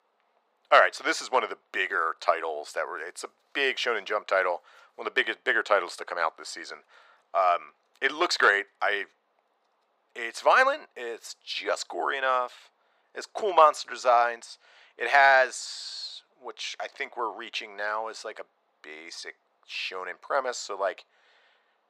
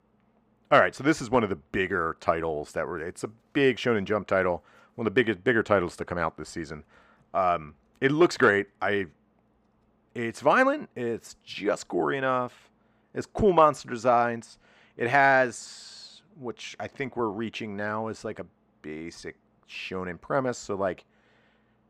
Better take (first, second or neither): second